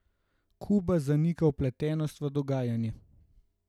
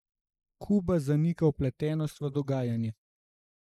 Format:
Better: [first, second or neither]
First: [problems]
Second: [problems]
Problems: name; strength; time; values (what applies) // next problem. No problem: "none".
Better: first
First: none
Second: noise reduction (neural mask model Resemble Enhance denoiser)